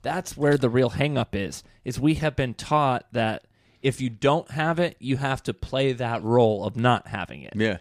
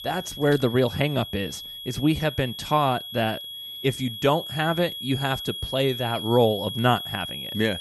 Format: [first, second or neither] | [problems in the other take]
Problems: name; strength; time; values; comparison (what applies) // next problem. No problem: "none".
first | high-pitched whine; loud; throughout; 3.5 kHz, 8 dB below the speech